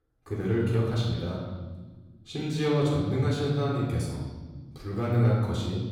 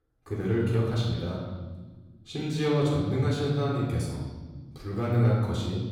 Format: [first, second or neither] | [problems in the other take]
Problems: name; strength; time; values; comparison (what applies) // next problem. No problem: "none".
neither | off-mic speech; far; the same in both // room echo; noticeable; dies away in 1.3 s; the same in both